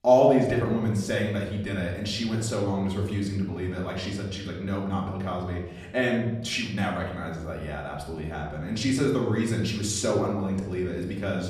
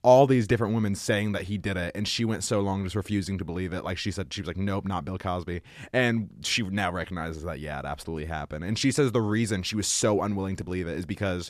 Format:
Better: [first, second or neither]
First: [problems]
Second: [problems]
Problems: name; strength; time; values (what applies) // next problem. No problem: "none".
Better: second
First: off-mic speech; far // room echo; noticeable; dies away in 0.9 s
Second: none